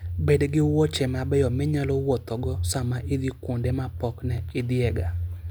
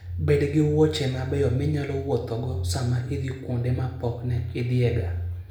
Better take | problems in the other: first | room echo; dies away in 0.7 s

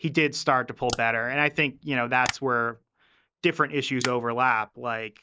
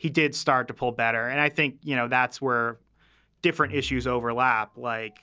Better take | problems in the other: second | noise reduction (neural mask model Resemble Enhance denoiser)

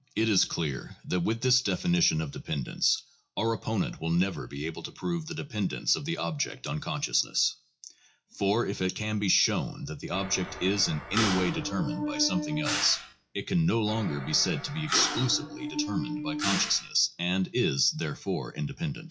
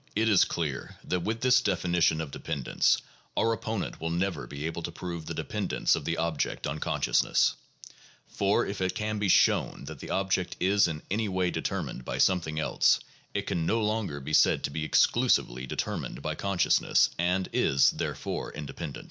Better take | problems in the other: second | noise reduction (classical method WPE with log-MMSE)

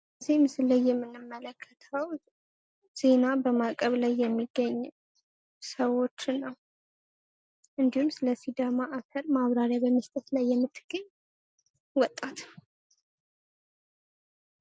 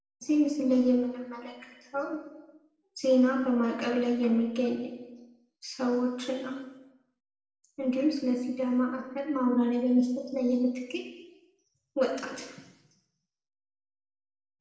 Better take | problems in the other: first | room echo; dies away in 1 s

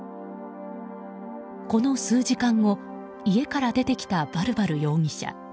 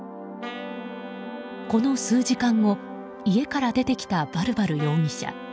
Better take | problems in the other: first | background sound (Wind instrument, woodwind instrument); 16 dB below the speech

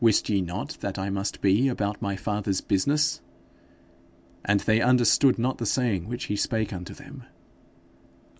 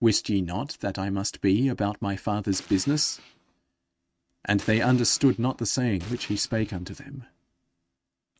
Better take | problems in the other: first | noise reduction (neural mask model RNNoise)

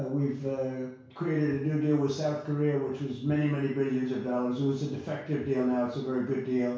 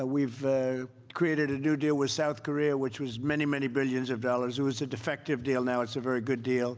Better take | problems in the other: second | room echo; dies away in 0.6 s

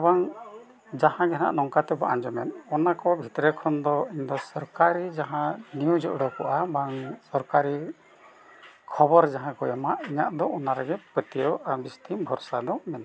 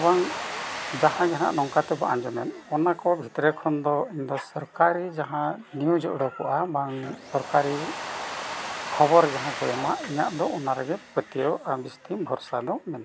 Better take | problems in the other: first | background sound (Domestic sounds, home sounds); 12 dB below the speech

